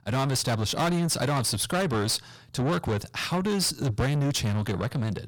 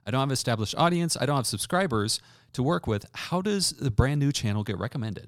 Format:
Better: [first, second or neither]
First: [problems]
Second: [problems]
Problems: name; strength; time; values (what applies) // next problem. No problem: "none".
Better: second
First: distortion; heavy; 7 dB below the speech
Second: none